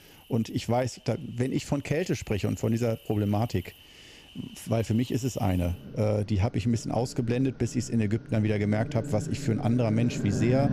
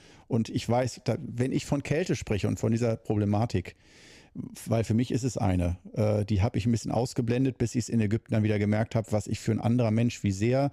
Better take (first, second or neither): second